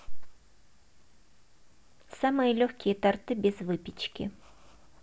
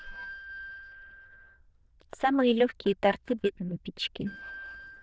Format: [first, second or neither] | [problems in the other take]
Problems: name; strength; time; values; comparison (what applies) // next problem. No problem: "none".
first | noise reduction (neural diffusion model UNIVERSE++)